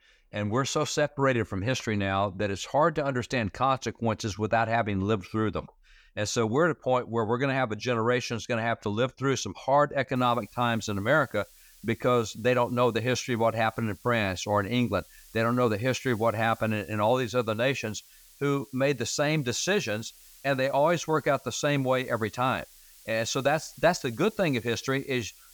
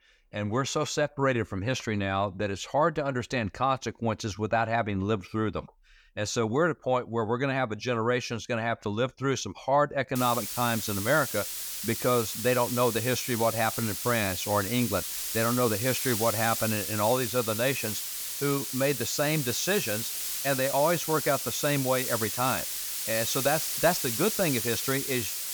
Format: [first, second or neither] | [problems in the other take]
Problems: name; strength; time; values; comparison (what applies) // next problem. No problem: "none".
first | hiss; loud; from 10 s on; 3 dB below the speech; faint in the first